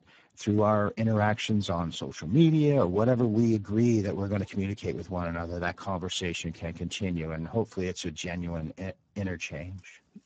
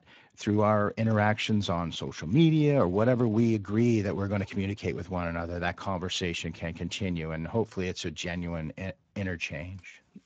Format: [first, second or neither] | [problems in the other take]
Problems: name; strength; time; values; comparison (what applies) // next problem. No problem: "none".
second | garbled, watery; badly; nothing above 7.5 kHz; slightly in the second